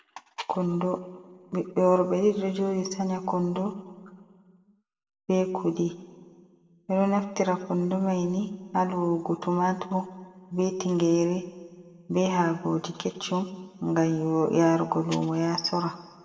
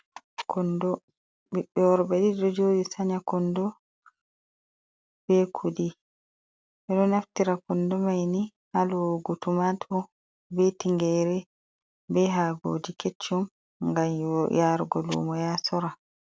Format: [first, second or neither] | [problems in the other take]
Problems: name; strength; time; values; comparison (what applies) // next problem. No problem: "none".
second | room echo; dies away in 1.1 s